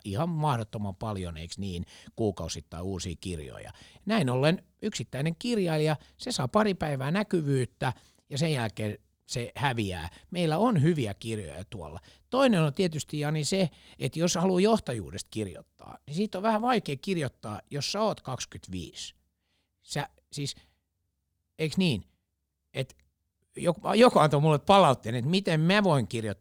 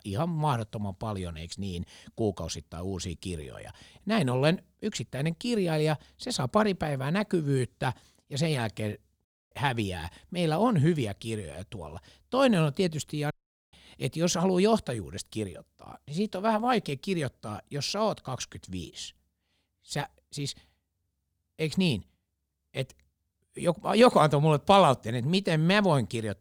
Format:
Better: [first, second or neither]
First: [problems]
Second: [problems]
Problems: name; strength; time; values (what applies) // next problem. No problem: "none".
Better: first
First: none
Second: audio cutting out; at 9.5 s and at 13 s